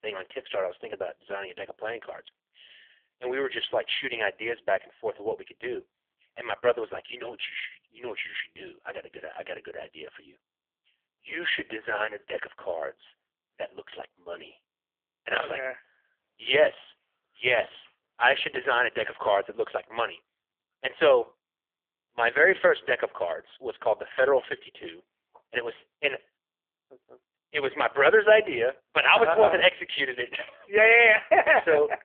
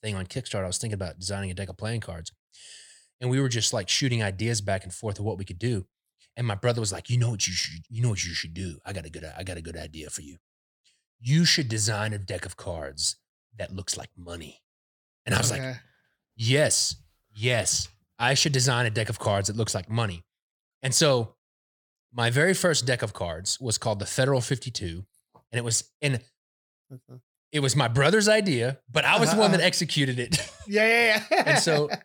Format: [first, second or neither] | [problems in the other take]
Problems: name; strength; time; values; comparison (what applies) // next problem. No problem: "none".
second | phone-call audio; poor line; nothing above 3.5 kHz